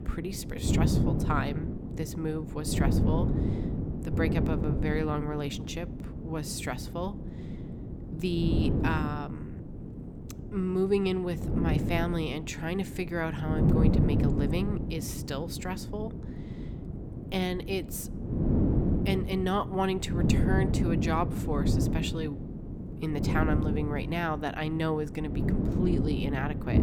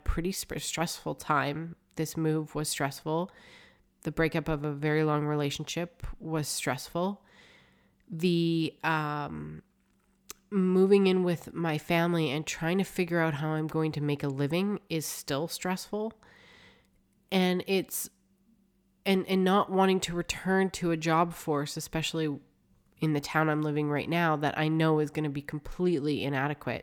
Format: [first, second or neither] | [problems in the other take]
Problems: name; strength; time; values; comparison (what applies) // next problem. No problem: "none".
second | wind noise on the microphone; heavy; 4 dB below the speech